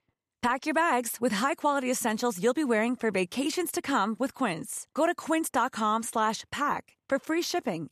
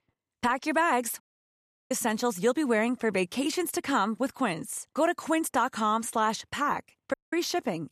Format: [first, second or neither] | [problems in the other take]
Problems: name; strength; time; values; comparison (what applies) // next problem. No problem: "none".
first | audio cutting out; at 1 s for 0.5 s and at 7 s